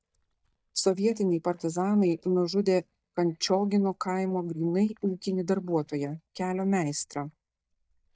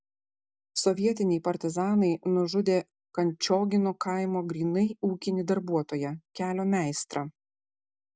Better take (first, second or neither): second